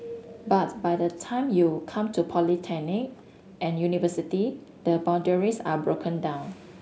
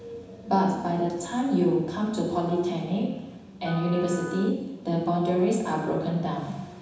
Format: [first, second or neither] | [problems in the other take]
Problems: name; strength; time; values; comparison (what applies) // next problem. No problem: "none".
first | background sound (Wind instrument, woodwind instrument); 16 dB below the speech // room echo; dies away in 1.1 s